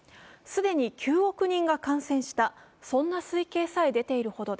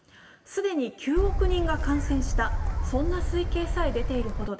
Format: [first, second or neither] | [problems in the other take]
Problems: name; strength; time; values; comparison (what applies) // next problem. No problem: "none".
first | background sound (Gull, seagull / Wind); 3 dB above the speech // room echo; dies away in 2.1 s